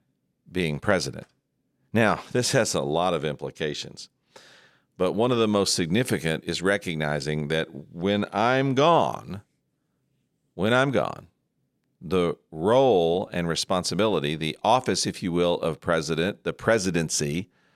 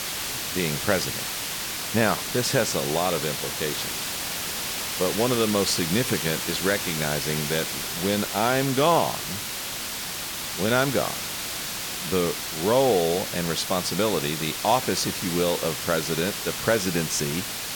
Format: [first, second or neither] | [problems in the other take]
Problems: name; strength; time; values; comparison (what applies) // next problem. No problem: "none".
first | hiss; loud; throughout; 3 dB below the speech